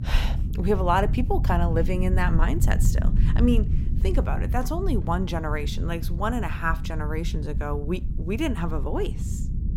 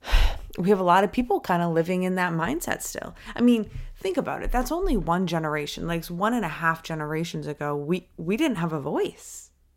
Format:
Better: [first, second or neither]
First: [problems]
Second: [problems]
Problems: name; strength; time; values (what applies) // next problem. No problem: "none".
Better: second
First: low rumble; noticeable; throughout; 10 dB below the speech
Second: none